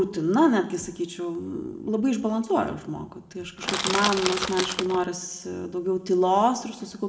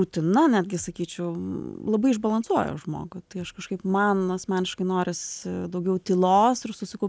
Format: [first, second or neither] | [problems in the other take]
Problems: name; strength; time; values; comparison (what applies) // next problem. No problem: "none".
second | background sound (Crushing); 3 dB below the speech // room echo; dies away in 0.7 s